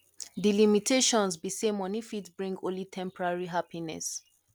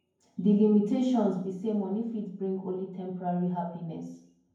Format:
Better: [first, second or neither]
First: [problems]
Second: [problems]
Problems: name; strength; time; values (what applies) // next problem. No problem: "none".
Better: first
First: none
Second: room echo; dies away in 0.9 s